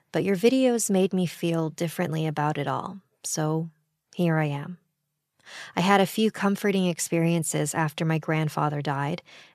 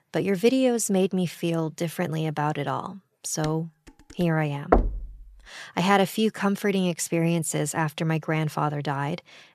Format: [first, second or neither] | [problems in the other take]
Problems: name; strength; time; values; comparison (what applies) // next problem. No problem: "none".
first | clattering dishes; faint; at 3.5 s; peak 15 dB below the speech // door banging; loud; at 4.5 s; peak 2 dB above the speech